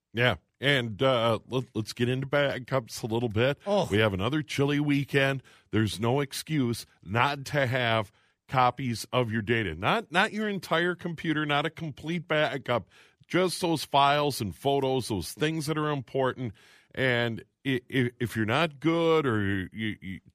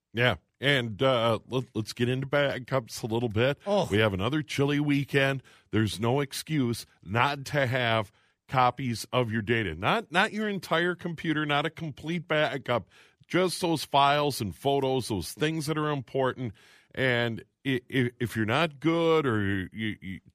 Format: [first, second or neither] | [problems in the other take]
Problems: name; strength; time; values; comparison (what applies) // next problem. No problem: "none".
neither | none